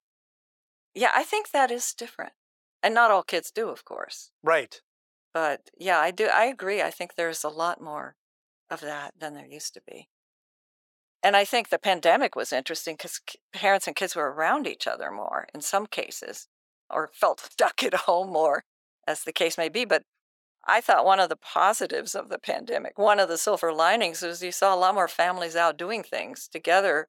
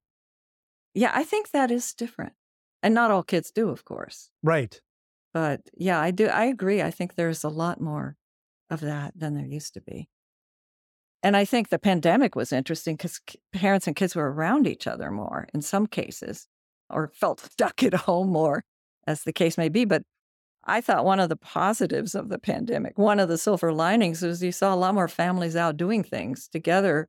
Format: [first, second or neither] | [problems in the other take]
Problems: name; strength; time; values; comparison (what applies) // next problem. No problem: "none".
second | thin; very; fading below 700 Hz